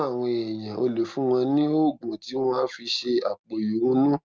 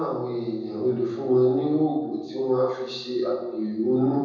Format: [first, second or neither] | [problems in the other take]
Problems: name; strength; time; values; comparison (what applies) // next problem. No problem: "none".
first | room echo; dies away in 1.1 s